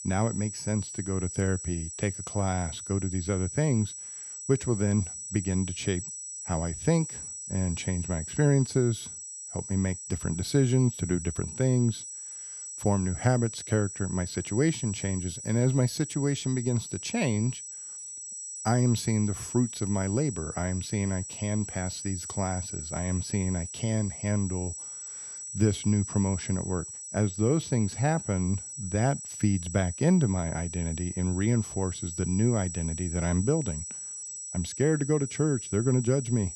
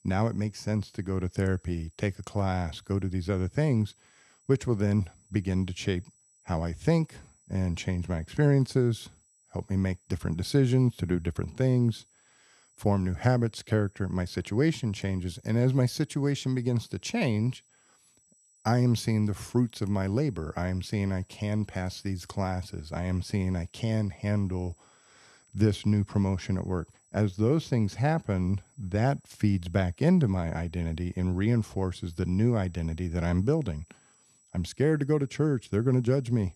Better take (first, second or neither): second